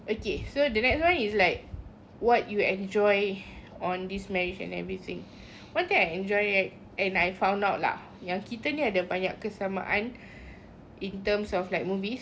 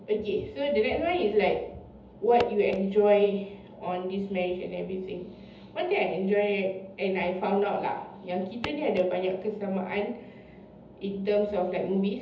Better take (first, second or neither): first